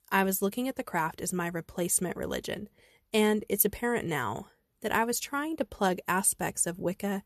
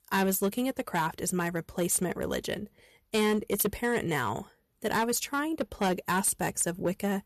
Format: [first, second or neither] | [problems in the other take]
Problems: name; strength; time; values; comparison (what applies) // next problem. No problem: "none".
first | distortion; slight; 6% of the sound clipped